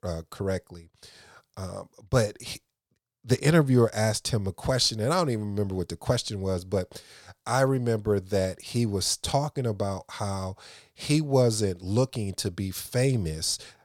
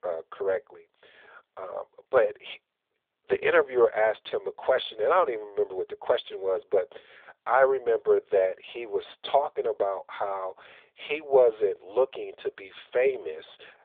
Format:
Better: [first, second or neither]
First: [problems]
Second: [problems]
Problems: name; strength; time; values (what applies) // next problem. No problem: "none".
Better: first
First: none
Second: phone-call audio